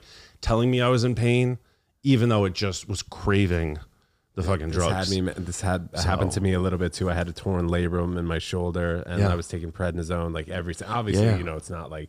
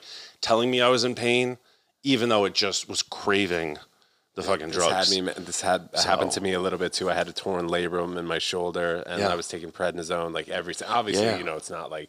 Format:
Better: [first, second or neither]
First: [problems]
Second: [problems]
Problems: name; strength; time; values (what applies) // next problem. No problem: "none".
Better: first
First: none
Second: thin; somewhat; fading below 300 Hz